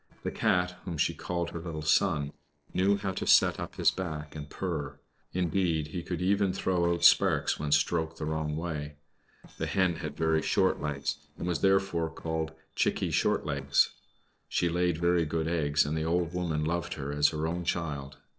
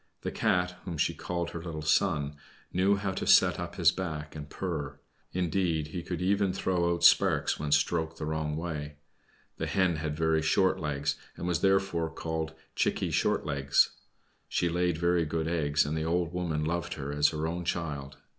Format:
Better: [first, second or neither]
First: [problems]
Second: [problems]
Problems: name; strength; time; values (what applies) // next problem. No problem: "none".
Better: second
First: noise reduction (neural separator model SepFormer DNS4)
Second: none